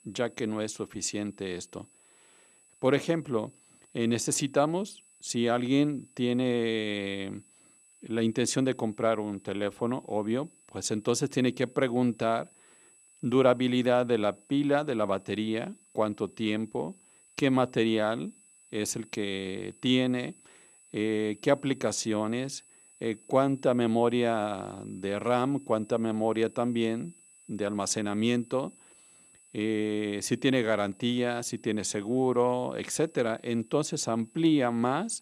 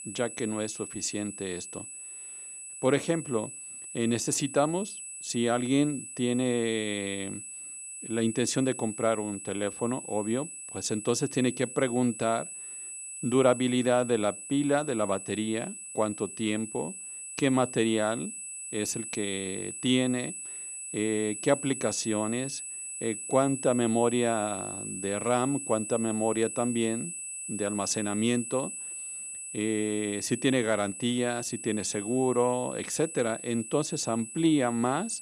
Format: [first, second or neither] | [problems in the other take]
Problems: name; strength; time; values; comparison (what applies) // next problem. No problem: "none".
first | high-pitched whine; loud; throughout; 8 kHz, 8 dB below the speech; faint in the first